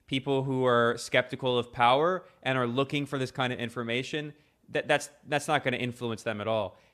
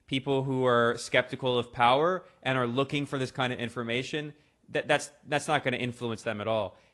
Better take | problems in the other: first | garbled, watery; slightly

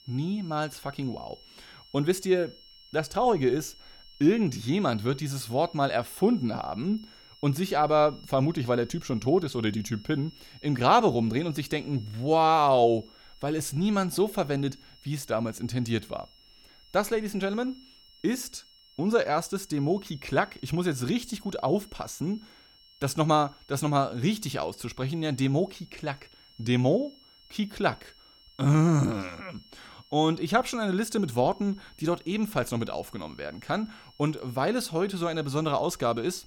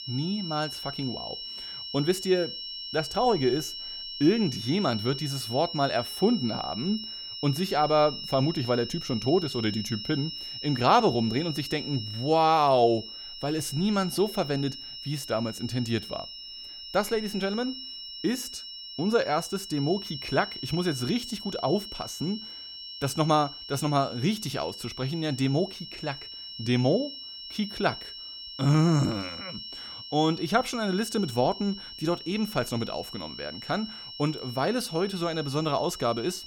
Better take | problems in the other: first | high-pitched whine; loud; throughout; 5.5 kHz, 9 dB below the speech; faint in the first

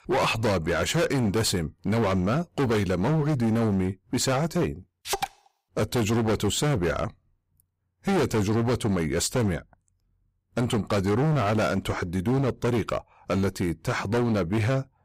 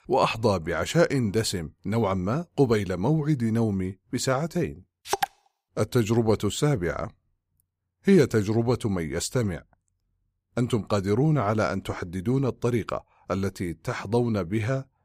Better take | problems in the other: second | distortion; heavy; 20% of the sound clipped

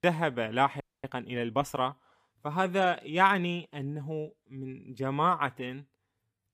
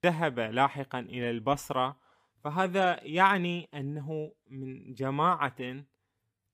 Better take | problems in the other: second | audio freezing; at 1 s

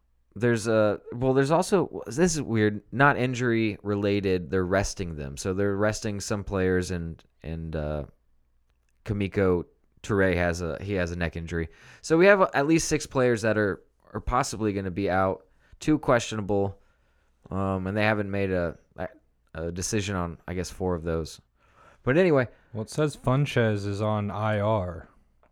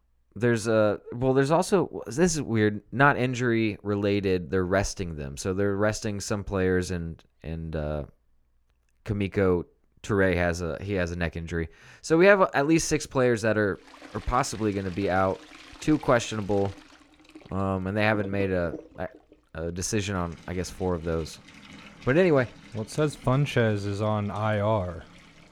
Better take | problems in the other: first | household noises; faint; from 14 s on; 20 dB below the speech

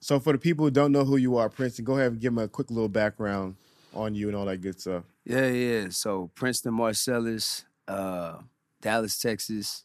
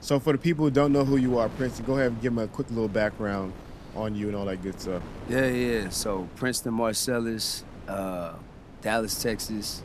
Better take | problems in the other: first | wind noise on the microphone; occasional gusts; 15 dB below the speech

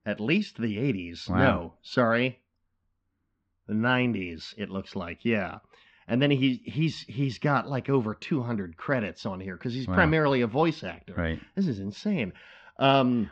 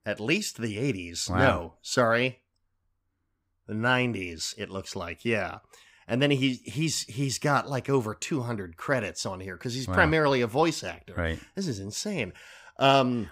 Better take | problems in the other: second | muffled; slightly; fading above 4 kHz

